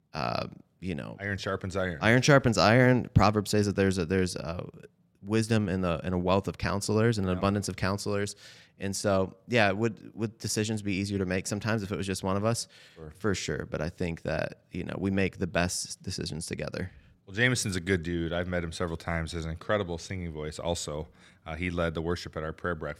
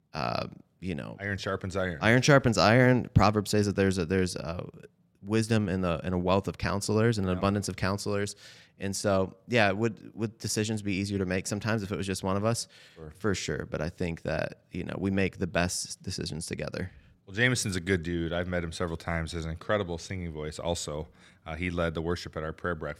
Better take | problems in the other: neither | none

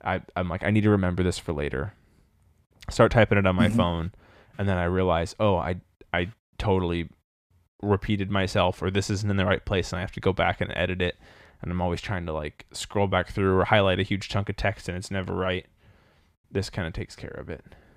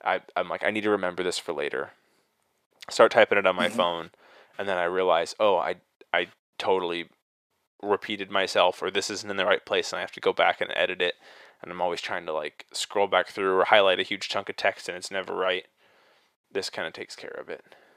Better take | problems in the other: first | thin; very; fading below 500 Hz

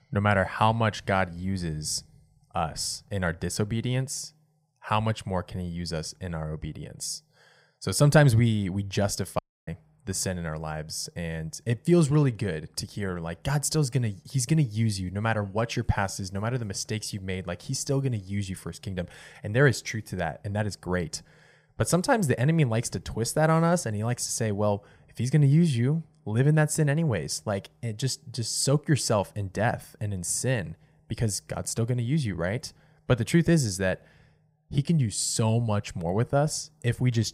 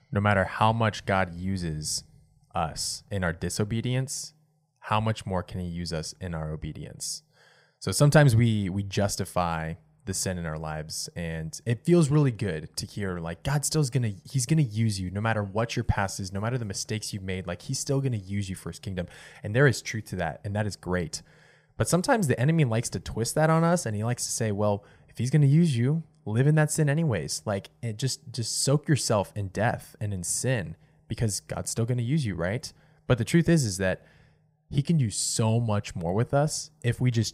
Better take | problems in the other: second | audio cutting out; at 9.5 s

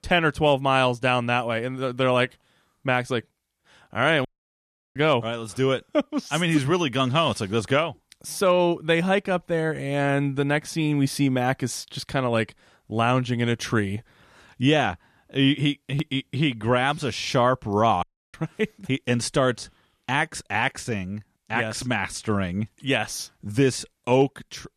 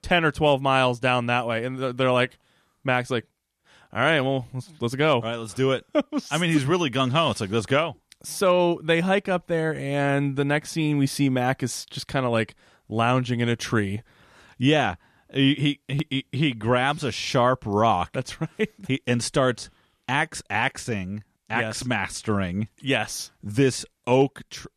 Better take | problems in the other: second | audio cutting out; at 4.5 s for 0.5 s and at 18 s

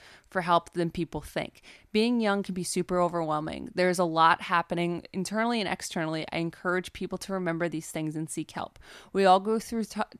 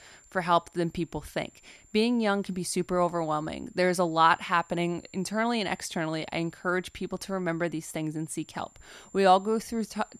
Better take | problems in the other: first | high-pitched whine; faint; throughout; 7.5 kHz, 30 dB below the speech

